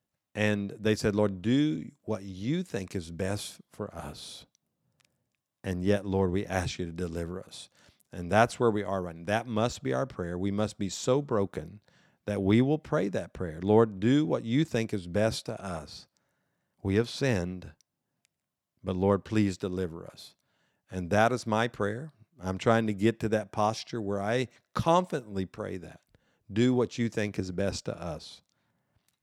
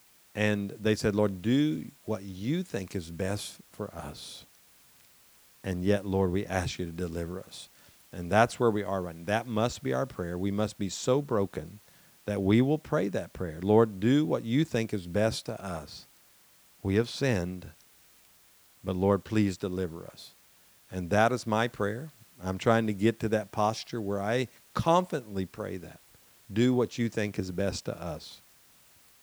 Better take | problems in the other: first | hiss; faint; throughout; 25 dB below the speech

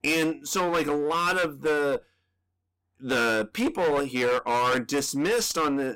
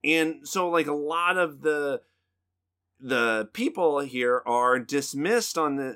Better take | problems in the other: second | distortion; heavy; 19% of the sound clipped

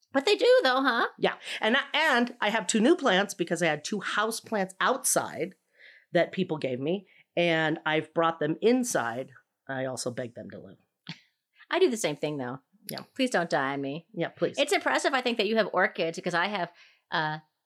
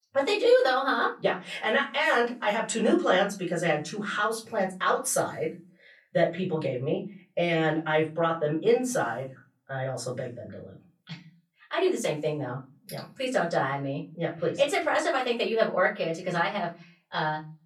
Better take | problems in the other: first | off-mic speech; far // room echo; very slight; dies away in 0.3 s

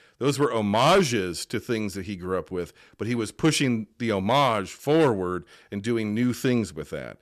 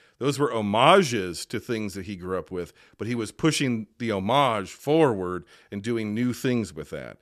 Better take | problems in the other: second | distortion; slight; 2% of the sound clipped

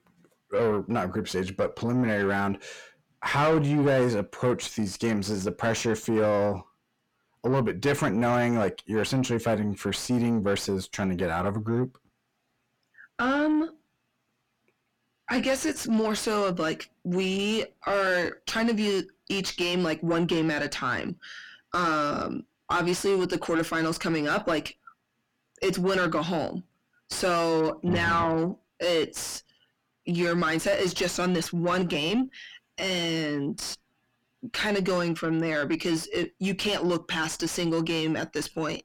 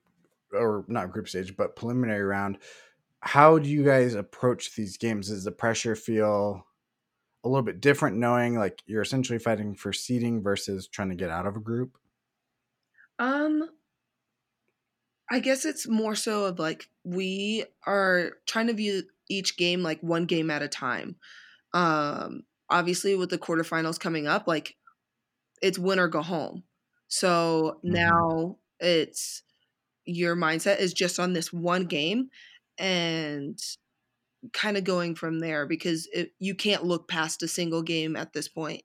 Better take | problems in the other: second | distortion; heavy; 6 dB below the speech

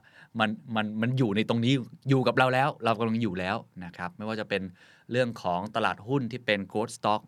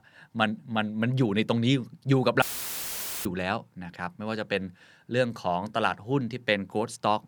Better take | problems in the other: first | audio cutting out; filled with static; at 2.5 s for 1 s

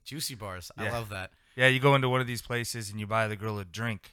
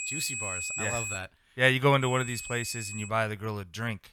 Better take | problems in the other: first | high-pitched whine; loud; until 1 s and from 2 to 3 s; 2.5 kHz, 5 dB below the speech

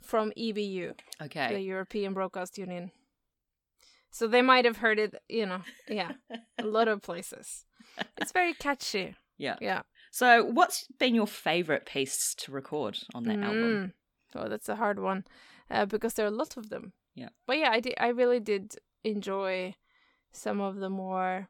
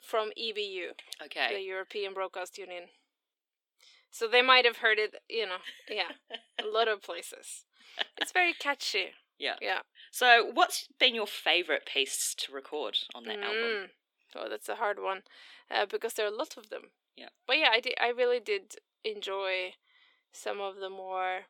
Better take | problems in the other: first | thin; very; fading below 350 Hz

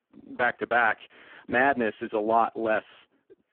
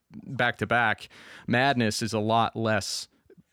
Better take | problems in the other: second | phone-call audio; poor line

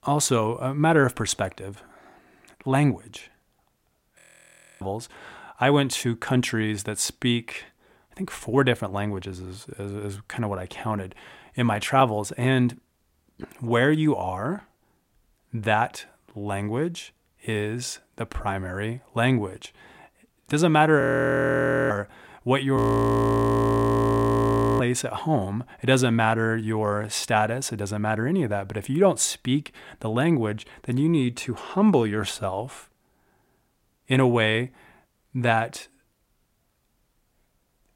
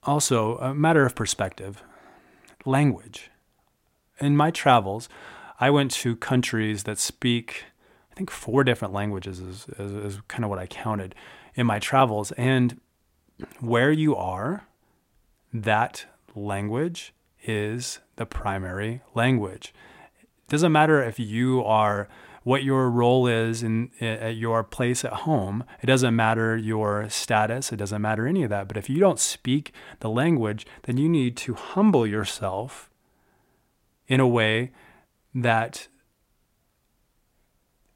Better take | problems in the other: second | audio freezing; at 4 s for 0.5 s, at 21 s for 1 s and at 23 s for 2 s

